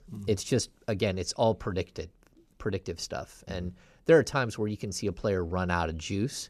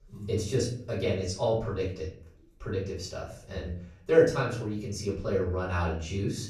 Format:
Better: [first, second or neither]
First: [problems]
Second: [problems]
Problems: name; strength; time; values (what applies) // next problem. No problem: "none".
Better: first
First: none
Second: off-mic speech; far // room echo; noticeable; dies away in 0.5 s